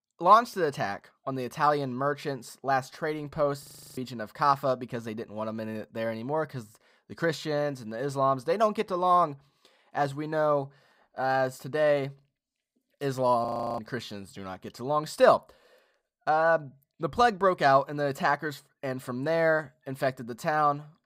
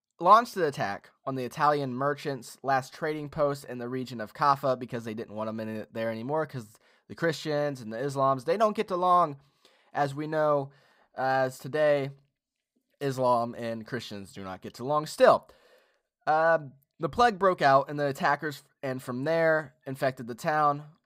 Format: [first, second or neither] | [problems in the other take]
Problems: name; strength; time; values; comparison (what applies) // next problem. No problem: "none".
second | audio freezing; at 3.5 s and at 13 s